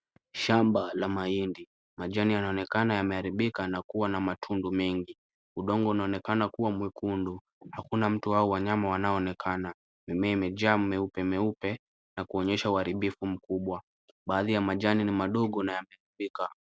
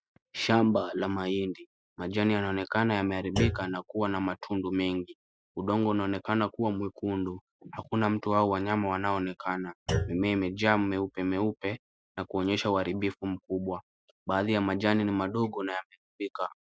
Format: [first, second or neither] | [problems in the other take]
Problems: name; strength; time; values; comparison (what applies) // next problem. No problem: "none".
first | noise reduction (classical method Wiener filter)